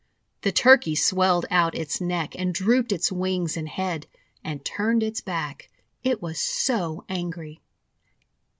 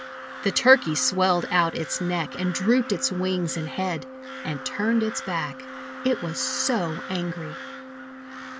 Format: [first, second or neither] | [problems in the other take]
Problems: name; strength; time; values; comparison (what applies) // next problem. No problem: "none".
first | background sound (Organ + Crow); 11 dB below the speech